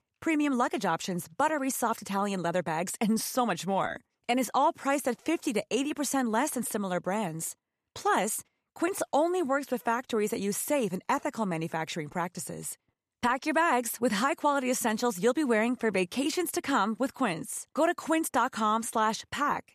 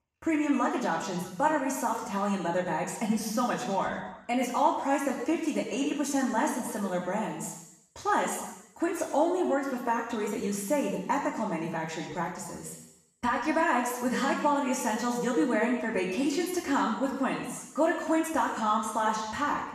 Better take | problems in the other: first | room echo; noticeable; dies away in 0.9 s // off-mic speech; far

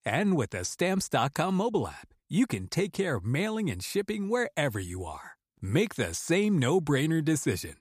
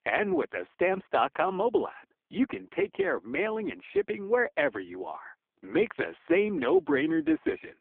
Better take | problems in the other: first | phone-call audio; poor line

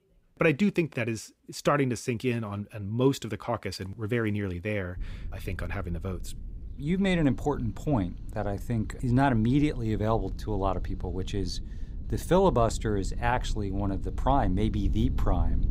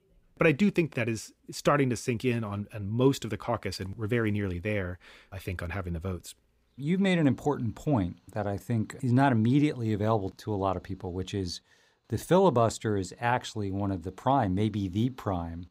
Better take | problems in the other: second | low rumble; faint; from 5 s on; 25 dB below the speech

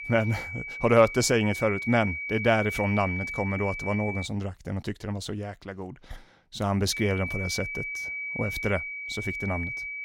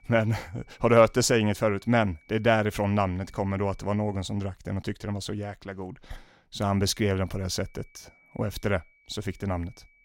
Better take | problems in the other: second | high-pitched whine; loud; until 4.5 s and from 7 s on; 2.5 kHz, 5 dB below the speech; faint in the second

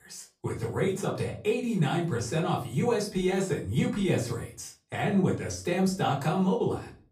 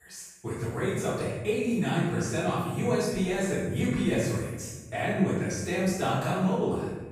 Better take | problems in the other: first | room echo; strong; dies away in 1.1 s; slight in the first // off-mic speech; far; far in the first

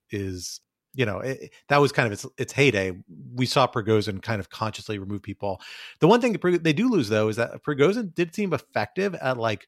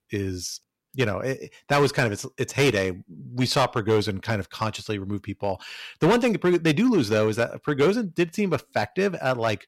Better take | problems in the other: first | distortion; slight; 5% of the sound clipped

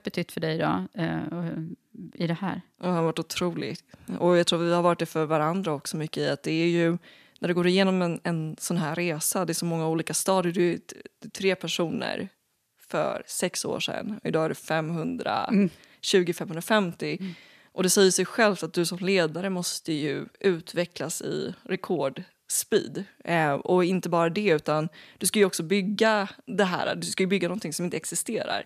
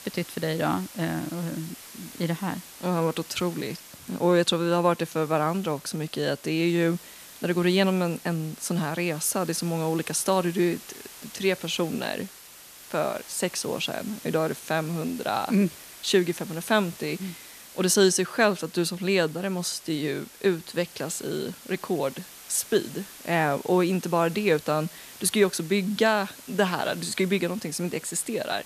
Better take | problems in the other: first | hiss; noticeable; throughout; 15 dB below the speech

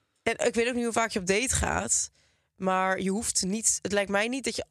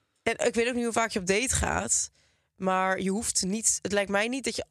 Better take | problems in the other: neither | none

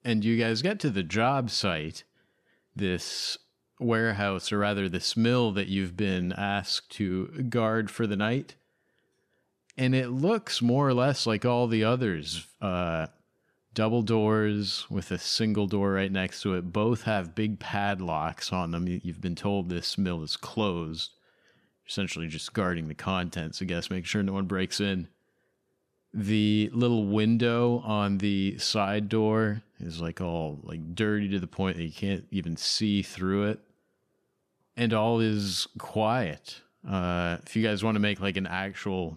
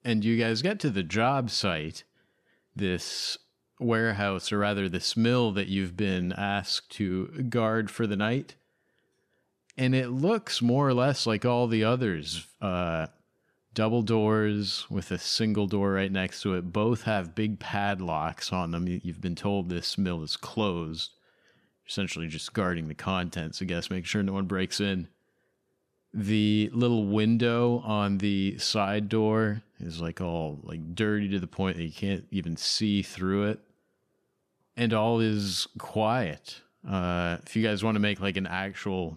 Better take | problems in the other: neither | none

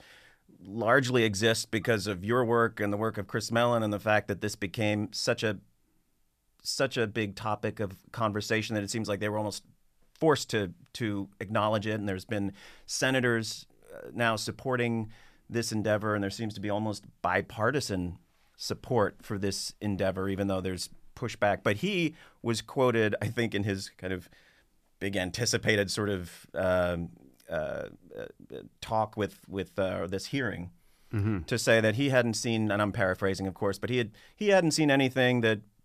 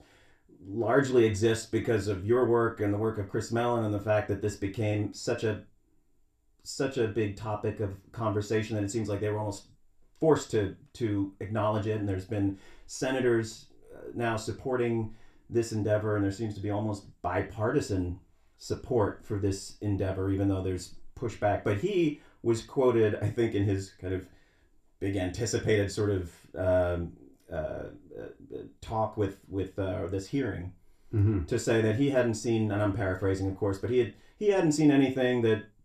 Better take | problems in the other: first | room echo; very slight; dies away in 0.3 s // off-mic speech; somewhat distant

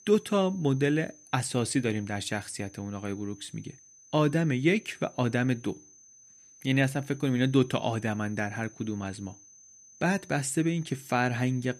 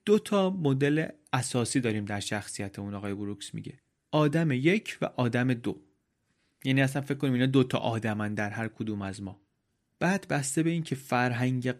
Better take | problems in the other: second | high-pitched whine; faint; throughout; 6 kHz, 25 dB below the speech

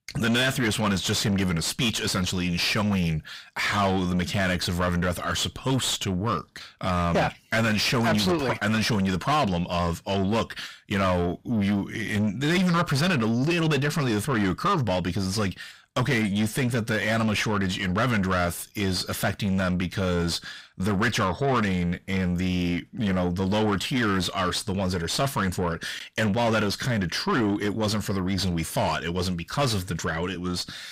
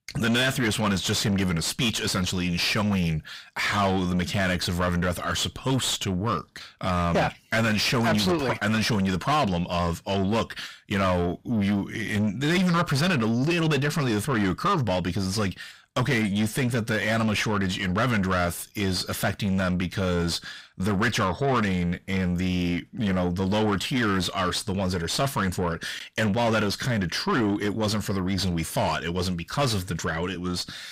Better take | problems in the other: neither | distortion; heavy; 6 dB below the speech; the same in both

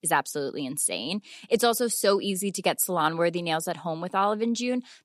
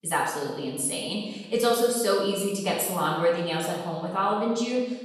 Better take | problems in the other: first | off-mic speech; far // room echo; noticeable; dies away in 1.1 s

